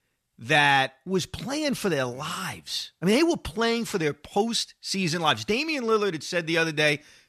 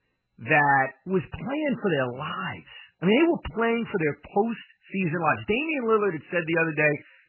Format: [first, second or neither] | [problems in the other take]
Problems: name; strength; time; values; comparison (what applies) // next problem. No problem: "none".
first | garbled, watery; badly; nothing above 3 kHz